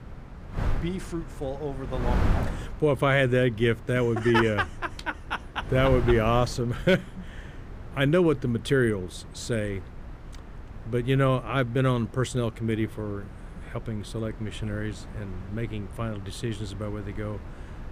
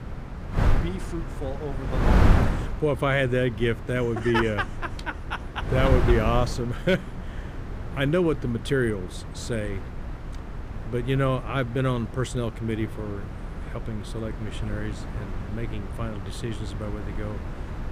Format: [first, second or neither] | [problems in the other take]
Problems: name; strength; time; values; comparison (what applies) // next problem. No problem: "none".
first | wind noise on the microphone; heavy; 8 dB below the speech; occasional gusts in the first